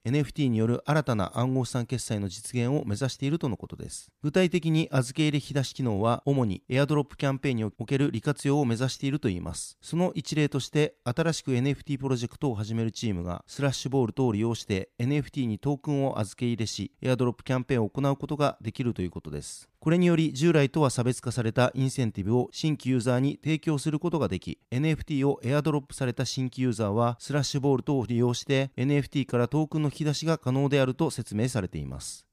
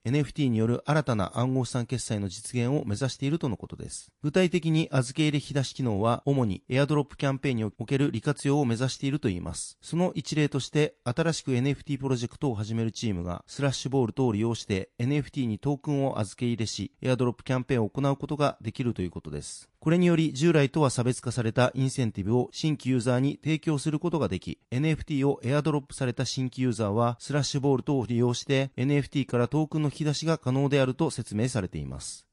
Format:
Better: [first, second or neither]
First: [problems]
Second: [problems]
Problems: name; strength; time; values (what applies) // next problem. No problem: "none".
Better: first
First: none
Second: garbled, watery; slightly